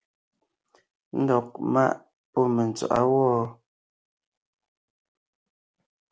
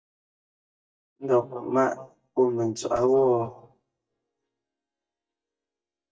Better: first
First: none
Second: noise reduction (neural mask model DeepFilterNet 3)

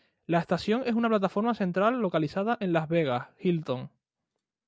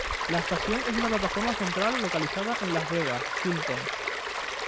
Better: first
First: none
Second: background sound (Stream); as loud as the speech

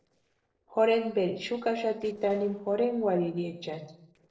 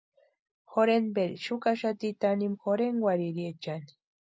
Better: second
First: noise reduction (neural separator model SepFormer DNS4)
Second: none

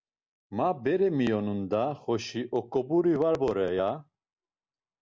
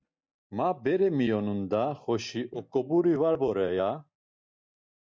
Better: first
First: none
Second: noise reduction (neural mask model DeepFilterNet 3)

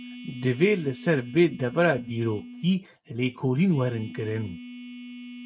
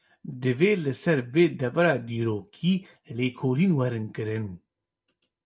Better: second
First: noise reduction (neural mask model RNNoise)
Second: none

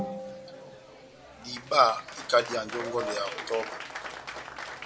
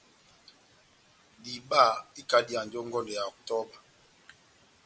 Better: second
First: background sound (Applause); 8 dB below the speech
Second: none

